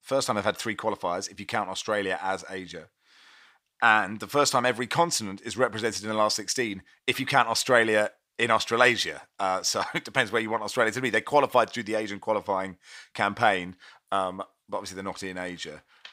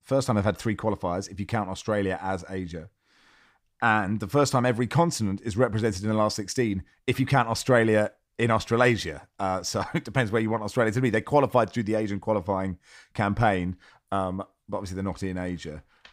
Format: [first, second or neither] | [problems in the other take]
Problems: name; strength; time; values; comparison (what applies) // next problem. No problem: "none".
second | thin; somewhat; fading below 850 Hz